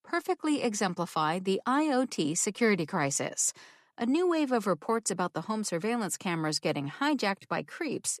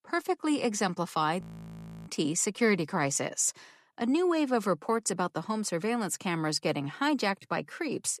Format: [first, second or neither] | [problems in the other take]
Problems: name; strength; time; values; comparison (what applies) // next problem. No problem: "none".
first | audio freezing; at 1.5 s for 0.5 s